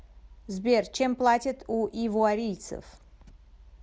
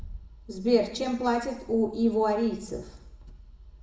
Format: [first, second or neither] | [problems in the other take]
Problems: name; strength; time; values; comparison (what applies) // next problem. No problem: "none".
first | room echo; dies away in 0.7 s